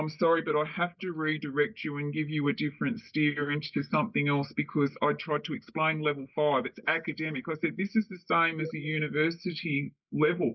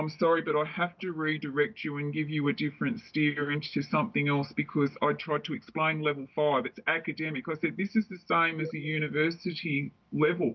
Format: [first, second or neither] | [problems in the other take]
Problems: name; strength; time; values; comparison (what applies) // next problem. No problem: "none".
second | noise reduction (neural mask model Resemble Enhance denoiser)